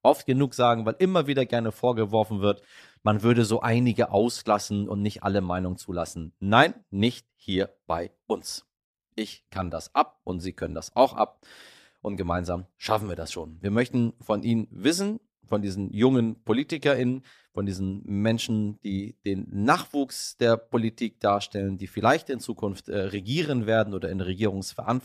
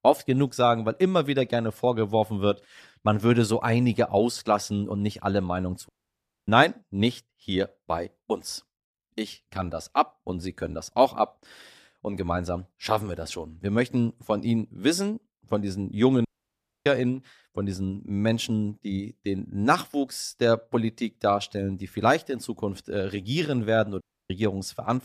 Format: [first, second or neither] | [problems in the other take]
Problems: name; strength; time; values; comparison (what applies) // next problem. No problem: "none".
first | audio cutting out; at 6 s for 0.5 s, at 16 s for 0.5 s and at 24 s